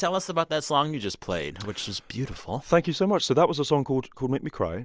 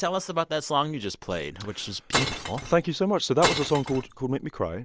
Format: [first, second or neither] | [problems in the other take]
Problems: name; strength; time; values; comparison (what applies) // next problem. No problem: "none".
first | background sound (Glass); 4 dB below the speech